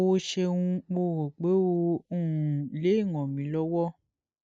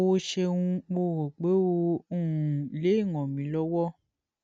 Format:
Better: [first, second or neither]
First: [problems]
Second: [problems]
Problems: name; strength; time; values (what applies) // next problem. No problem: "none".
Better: second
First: noise reduction (neural mask model Resemble Enhance denoiser)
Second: none